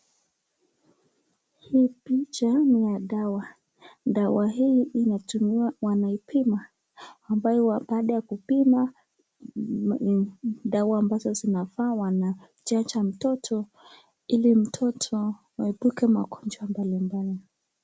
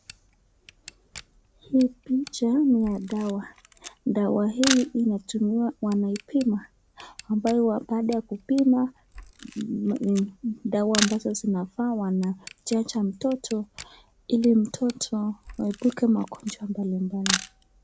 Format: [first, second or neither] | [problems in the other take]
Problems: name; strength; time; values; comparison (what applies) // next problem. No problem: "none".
first | background sound (Camera); 13 dB below the speech